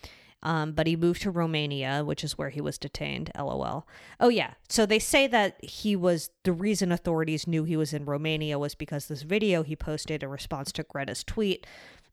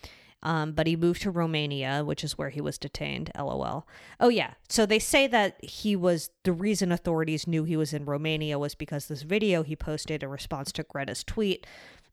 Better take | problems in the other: neither | none

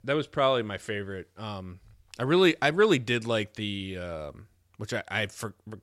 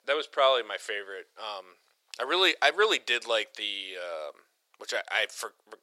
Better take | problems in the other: first | thin; very; fading below 500 Hz

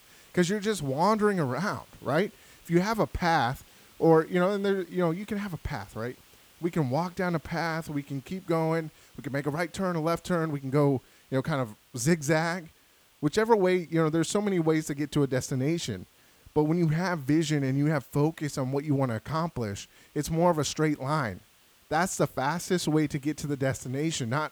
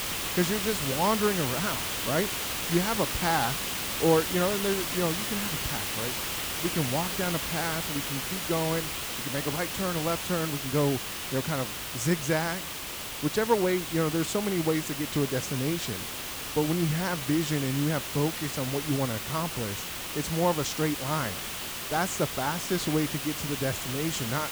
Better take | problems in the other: first | hiss; loud; throughout; 2 dB below the speech; faint in the first

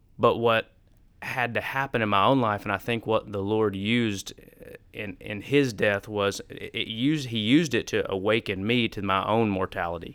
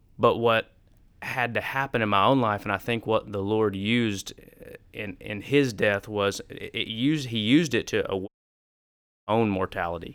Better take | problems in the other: first | audio cutting out; at 8.5 s for 1 s

